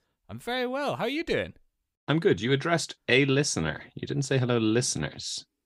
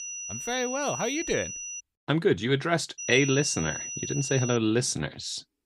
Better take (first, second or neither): first